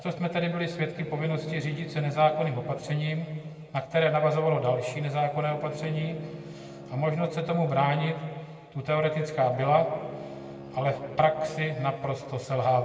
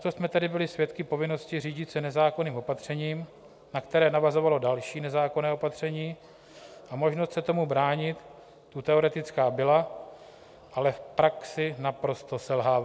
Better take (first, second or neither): second